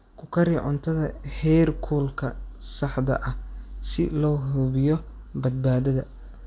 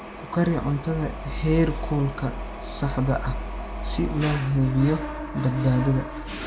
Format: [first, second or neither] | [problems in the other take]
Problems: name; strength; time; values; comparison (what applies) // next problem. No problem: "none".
first | background sound (Mechanisms); 11 dB below the speech // room echo; dies away in 0.3 s